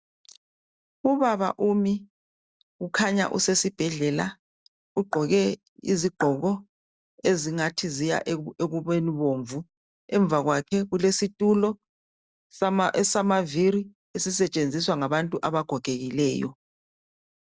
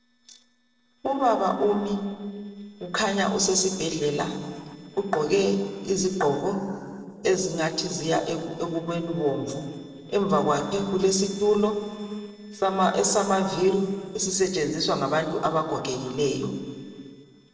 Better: first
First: none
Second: noise reduction (neural separator model SepFormer DNS4)

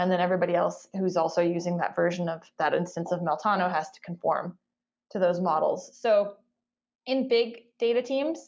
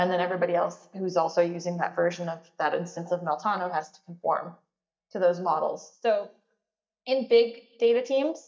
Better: first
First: none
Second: noise reduction (neural mask model DeepFilterNet 3)

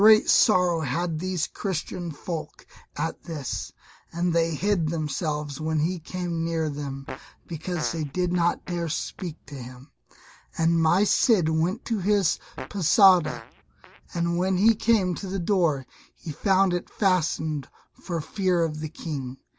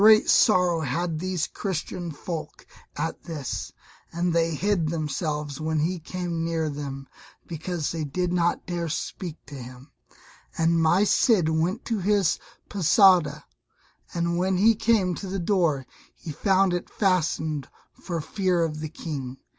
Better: second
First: background sound (Fart); 19 dB below the speech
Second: none

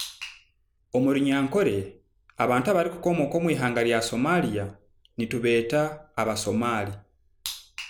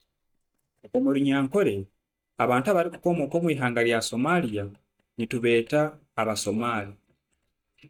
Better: first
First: none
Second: noise reduction (neural mask model DeepFilterNet 3)

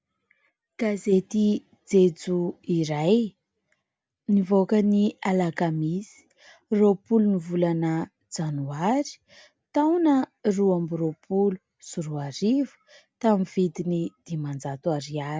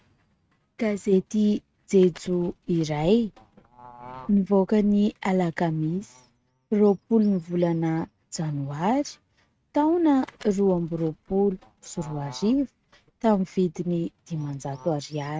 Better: first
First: none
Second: noise reduction (neural mask model RNNoise)

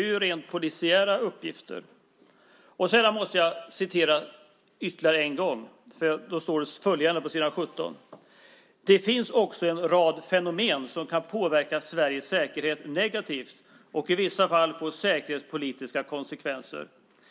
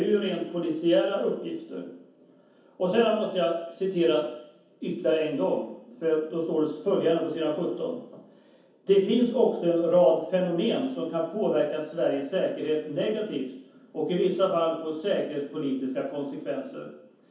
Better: first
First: none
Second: room echo; dies away in 0.7 s

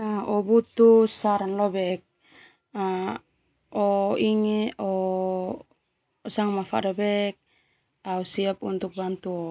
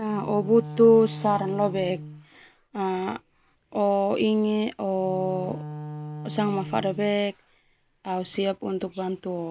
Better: first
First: none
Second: background sound (Wind instrument, woodwind instrument); 14 dB below the speech

